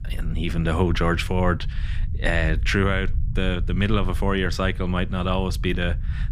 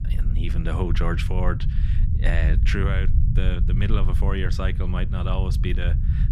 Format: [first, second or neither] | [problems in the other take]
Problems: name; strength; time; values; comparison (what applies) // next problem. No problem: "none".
first | low rumble; loud; throughout; 8 dB below the speech; faint in the first